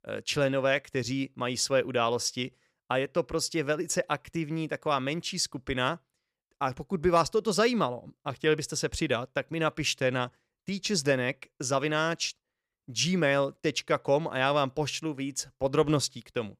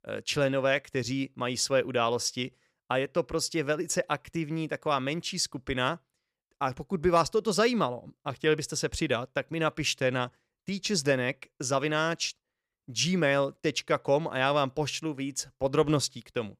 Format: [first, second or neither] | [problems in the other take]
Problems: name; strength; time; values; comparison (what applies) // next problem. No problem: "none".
neither | none